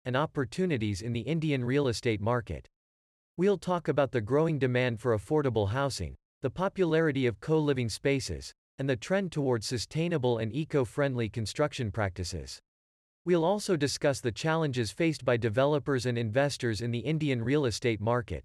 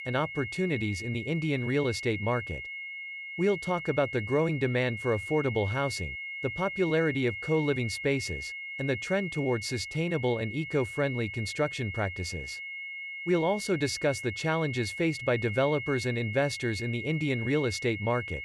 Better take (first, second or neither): first